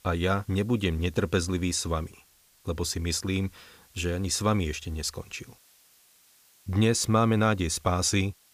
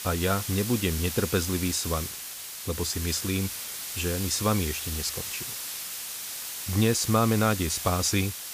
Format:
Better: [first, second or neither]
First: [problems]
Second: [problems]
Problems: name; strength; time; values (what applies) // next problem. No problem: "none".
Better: first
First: hiss; faint; throughout; 30 dB below the speech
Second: hiss; loud; throughout; 5 dB below the speech